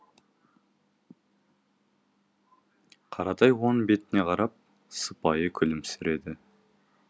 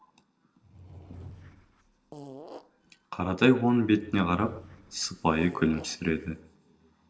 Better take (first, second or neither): first